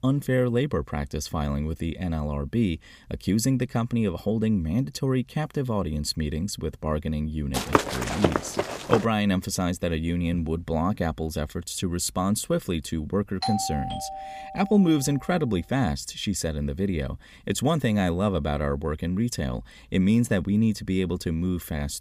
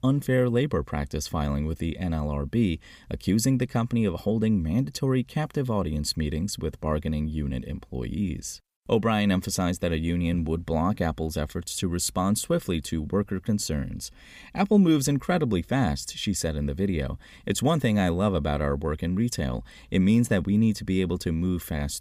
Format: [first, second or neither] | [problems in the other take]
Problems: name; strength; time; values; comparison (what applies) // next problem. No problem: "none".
second | footsteps; loud; from 7.5 to 9 s; peak 2 dB above the speech // doorbell; noticeable; from 13 to 15 s; peak 3 dB below the speech